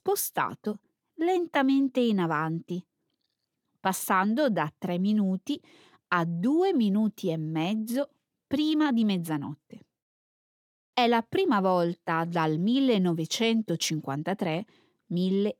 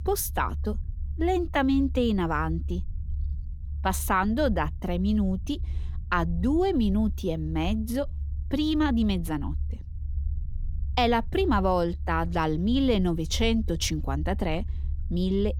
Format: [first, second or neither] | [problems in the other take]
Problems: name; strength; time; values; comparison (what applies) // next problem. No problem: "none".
first | low rumble; faint; throughout; 25 dB below the speech